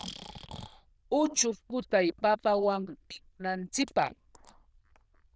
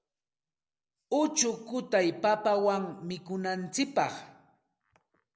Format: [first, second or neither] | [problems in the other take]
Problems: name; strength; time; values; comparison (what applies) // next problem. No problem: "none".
second | noise reduction (neural diffusion model UNIVERSE++)